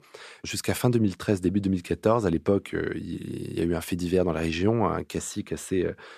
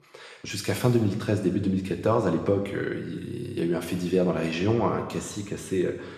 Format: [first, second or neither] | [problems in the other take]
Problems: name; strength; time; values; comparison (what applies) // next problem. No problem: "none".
first | room echo; noticeable; dies away in 1 s // off-mic speech; somewhat distant